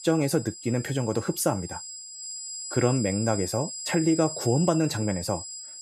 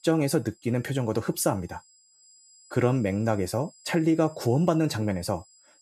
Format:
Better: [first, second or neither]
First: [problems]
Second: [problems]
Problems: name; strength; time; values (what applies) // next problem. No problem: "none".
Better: second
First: high-pitched whine; loud; throughout; 7.5 kHz, 9 dB below the speech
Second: high-pitched whine; faint; throughout; 7.5 kHz, 30 dB below the speech